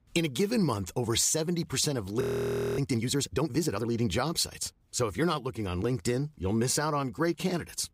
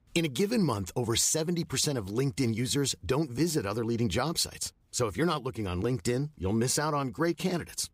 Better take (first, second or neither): second